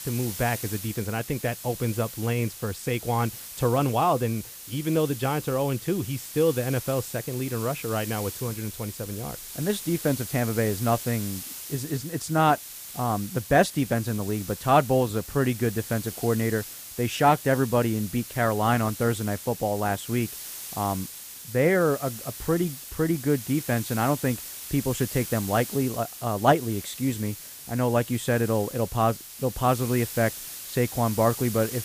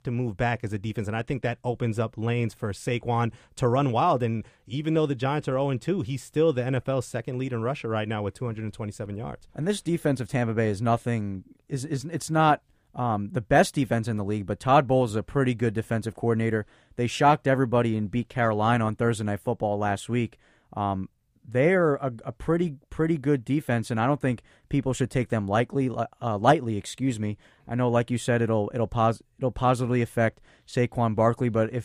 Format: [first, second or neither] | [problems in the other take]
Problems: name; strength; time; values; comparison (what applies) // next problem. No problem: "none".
second | hiss; noticeable; throughout; 10 dB below the speech